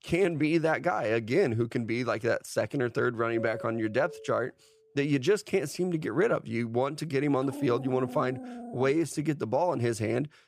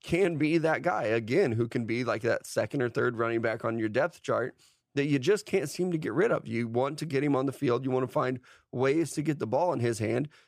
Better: second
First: doorbell; faint; from 3.5 to 4.5 s; peak 10 dB below the speech // dog barking; faint; from 7.5 to 9 s; peak 10 dB below the speech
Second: none

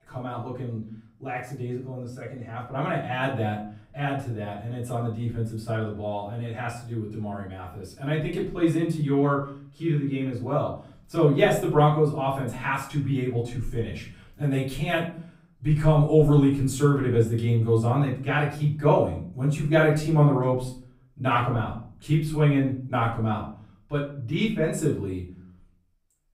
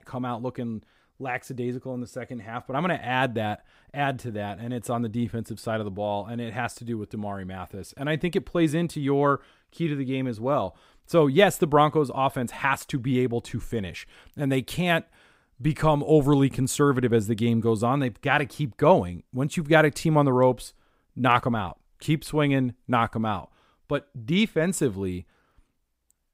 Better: second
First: room echo; slight; dies away in 0.5 s // off-mic speech; far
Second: none

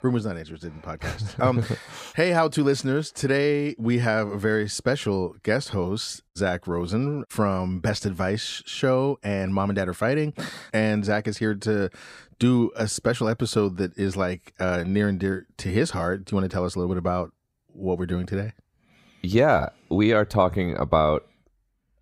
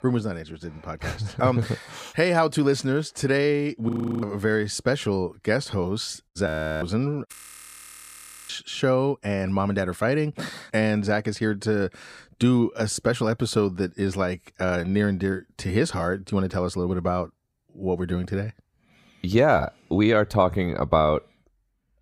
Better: first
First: none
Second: audio freezing; at 4 s, at 6.5 s and at 7.5 s for 1 s

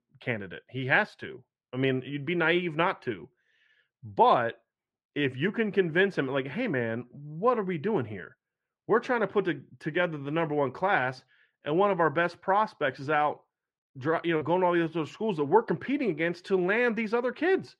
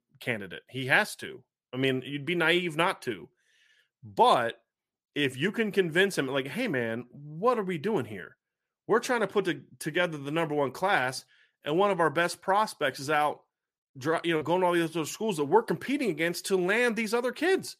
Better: second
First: muffled; slightly; fading above 2.5 kHz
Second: none

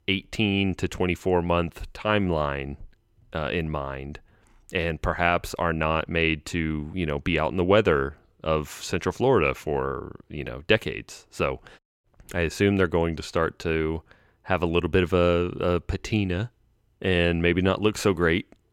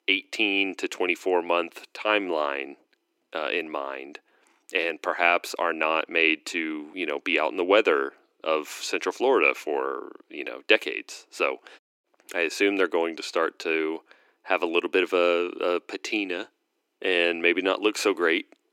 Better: first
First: none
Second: thin; somewhat; fading below 300 Hz

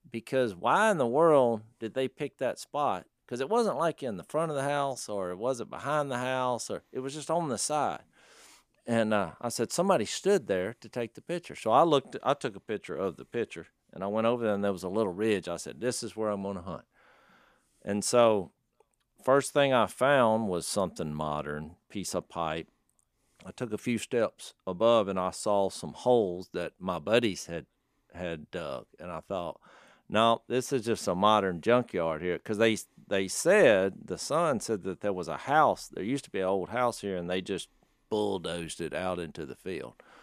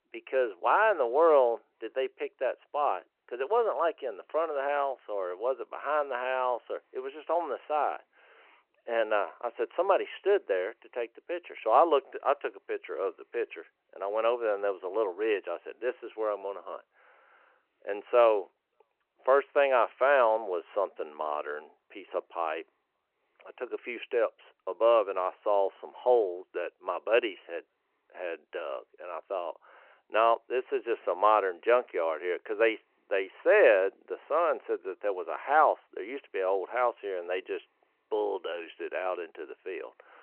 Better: first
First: none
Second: phone-call audio

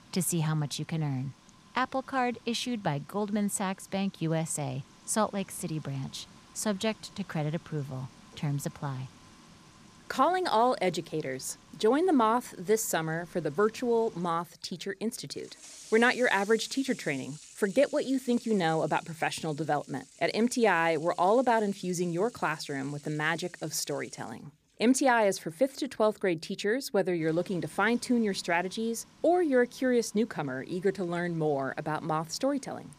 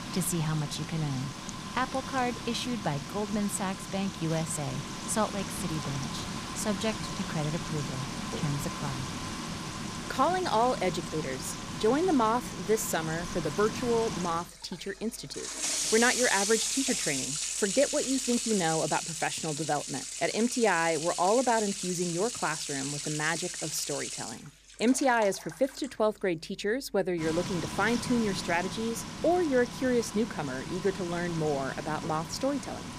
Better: first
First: household noises; faint; throughout; 25 dB below the speech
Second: household noises; loud; throughout; 5 dB below the speech

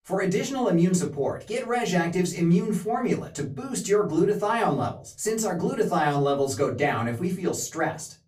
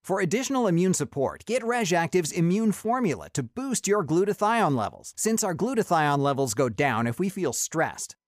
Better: second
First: off-mic speech; far // room echo; very slight; dies away in 0.3 s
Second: none

